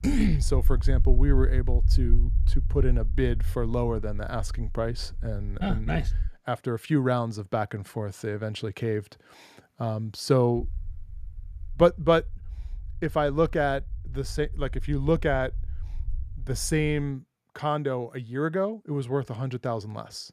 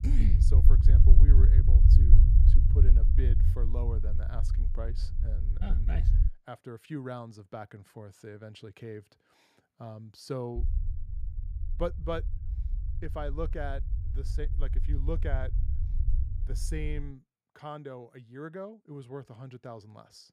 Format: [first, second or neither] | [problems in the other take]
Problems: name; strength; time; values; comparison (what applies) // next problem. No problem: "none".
first | low rumble; loud; until 6.5 s and from 11 to 17 s; 4 dB below the speech; faint in the first